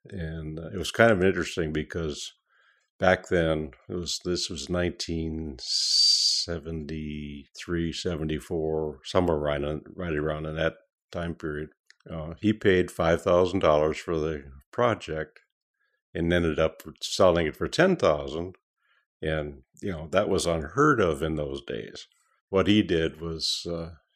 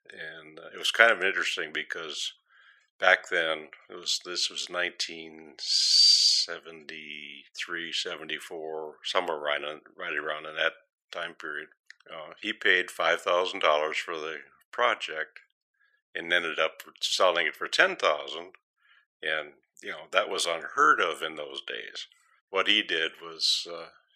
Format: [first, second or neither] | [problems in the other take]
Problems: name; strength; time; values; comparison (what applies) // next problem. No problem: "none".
first | thin; very; fading below 650 Hz